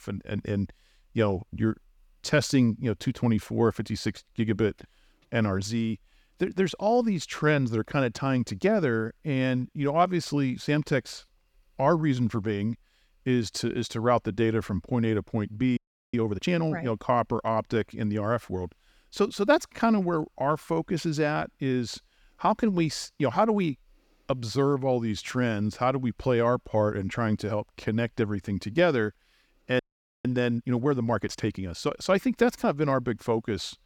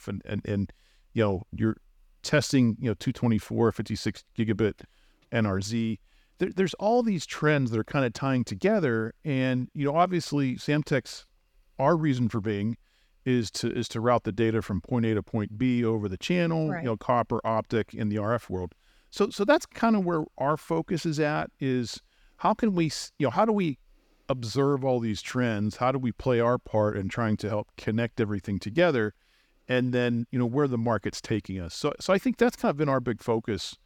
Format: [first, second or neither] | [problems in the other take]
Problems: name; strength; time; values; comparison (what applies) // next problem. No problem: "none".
second | audio freezing; at 16 s and at 30 s